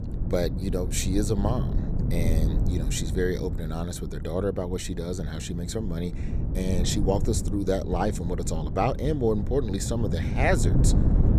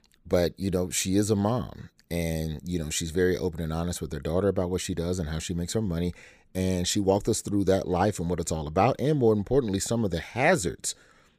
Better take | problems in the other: second | wind noise on the microphone; heavy; 9 dB below the speech

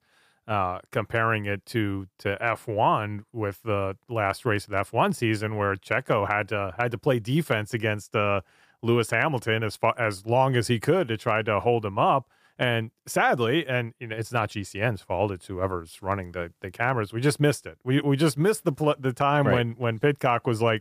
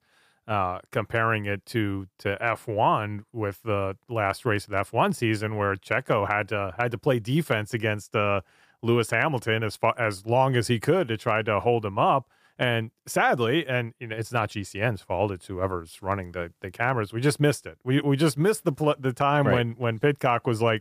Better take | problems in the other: neither | none

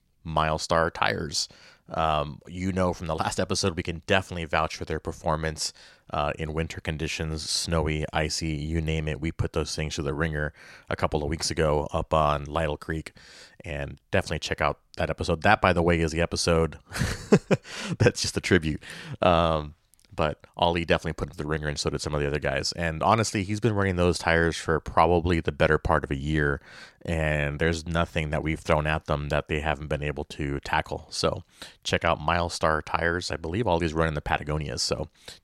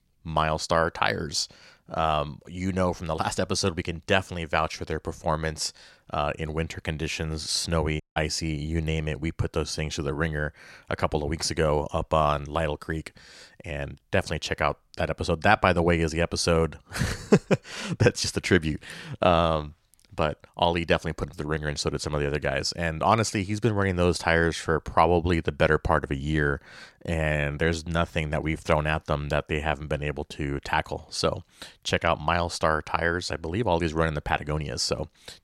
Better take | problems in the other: first | audio cutting out; at 8 s

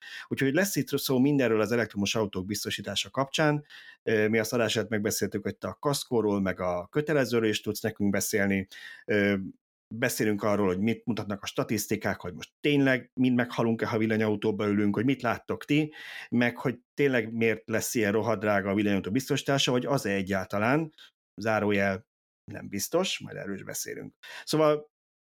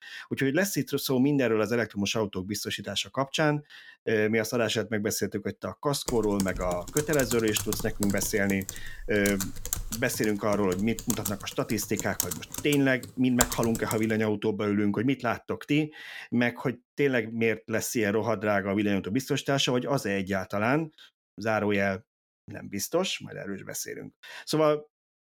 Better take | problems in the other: first | keyboard typing; loud; from 6 to 14 s; peak level with the speech

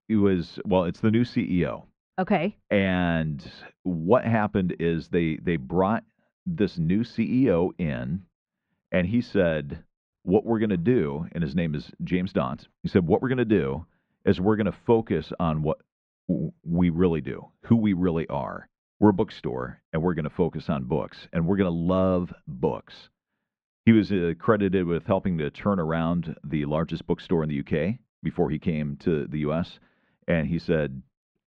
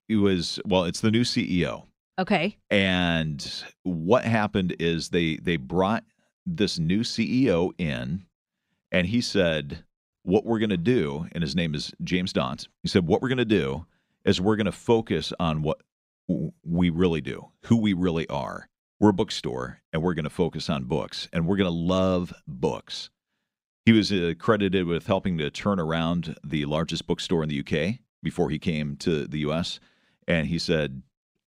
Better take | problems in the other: second | muffled; very; fading above 2 kHz

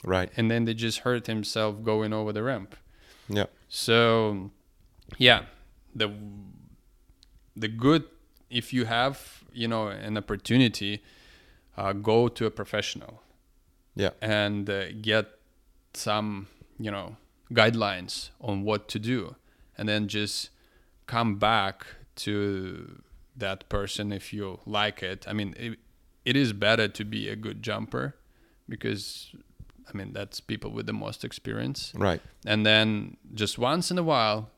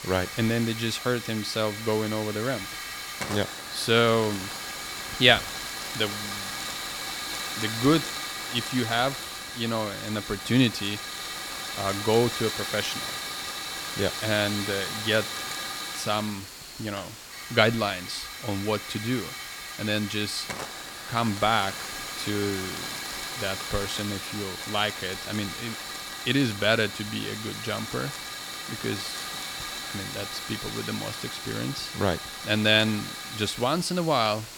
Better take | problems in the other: first | hiss; loud; throughout; 6 dB below the speech

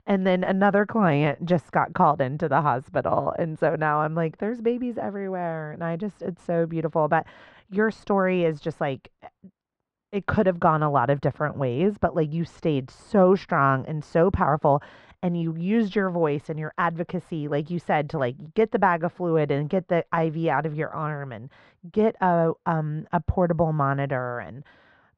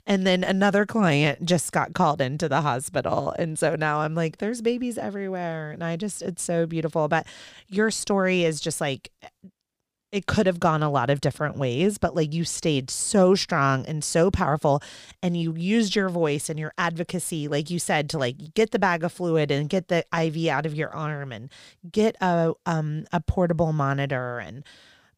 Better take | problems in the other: second | muffled; very; fading above 1.5 kHz

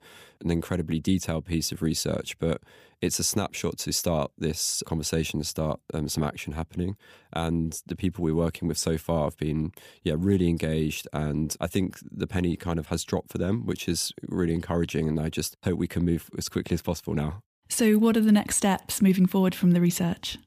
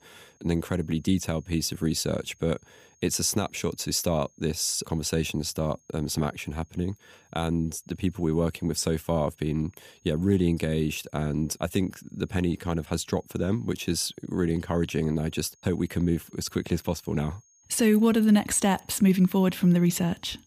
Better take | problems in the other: first | high-pitched whine; faint; throughout; 6.5 kHz, 35 dB below the speech

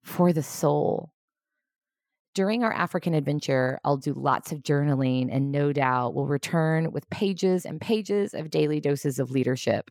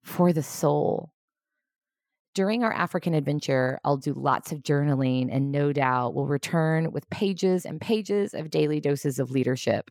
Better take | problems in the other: neither | none

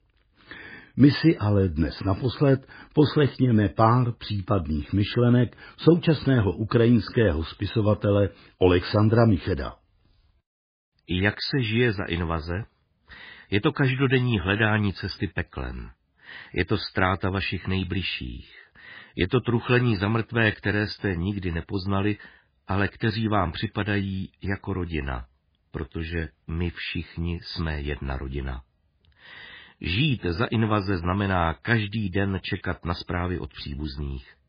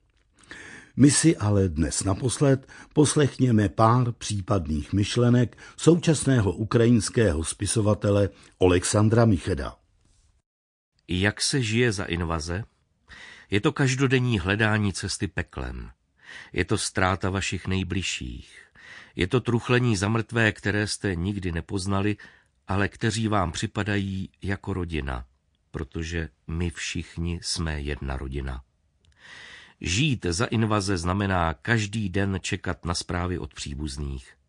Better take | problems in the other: second | garbled, watery; badly; slightly in the second

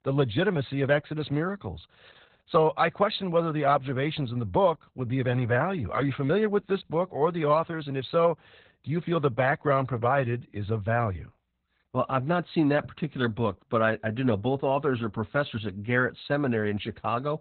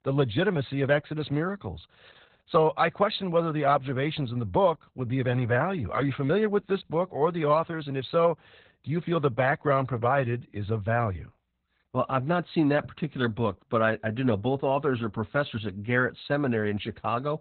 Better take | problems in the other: neither | garbled, watery; badly; nothing above 4 kHz; the same in both

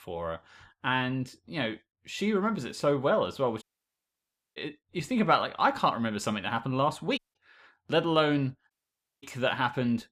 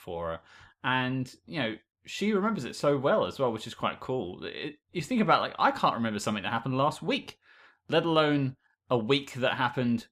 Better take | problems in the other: second | audio cutting out; at 3.5 s for 1 s, at 7 s and at 8.5 s for 0.5 s

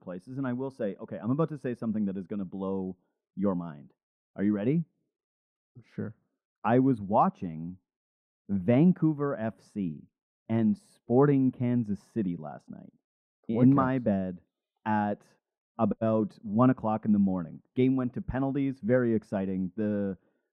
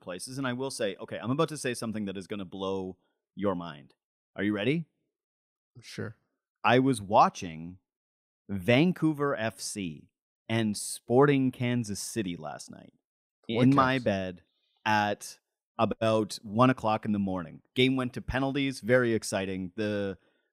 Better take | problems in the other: second | muffled; very; fading above 2.5 kHz

